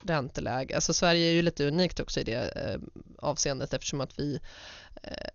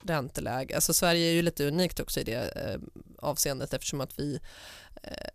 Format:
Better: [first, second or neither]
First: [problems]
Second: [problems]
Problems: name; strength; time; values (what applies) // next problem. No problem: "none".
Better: second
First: garbled, watery; slightly; nothing above 6.5 kHz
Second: none